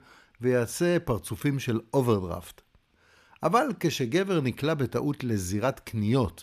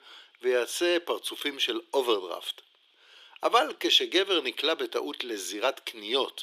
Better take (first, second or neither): first